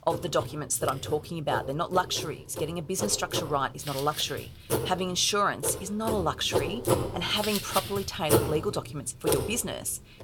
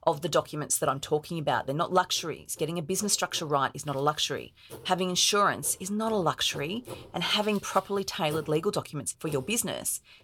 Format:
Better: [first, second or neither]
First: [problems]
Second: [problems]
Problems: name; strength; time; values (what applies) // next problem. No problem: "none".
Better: second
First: household noises; loud; throughout; 3 dB below the speech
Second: household noises; faint; throughout; 20 dB below the speech